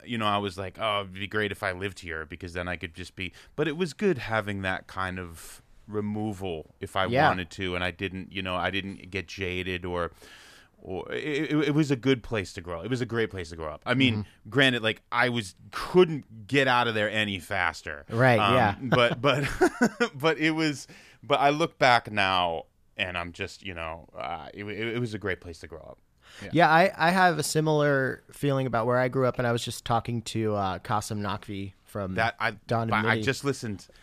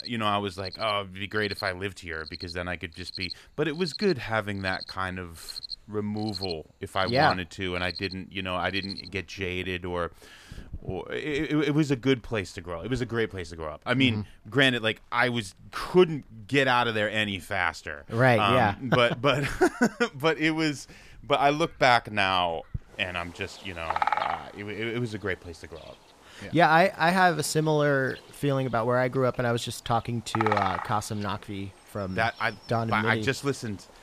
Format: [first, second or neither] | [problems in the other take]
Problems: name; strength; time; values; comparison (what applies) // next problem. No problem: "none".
first | animal sounds; loud; throughout; 10 dB below the speech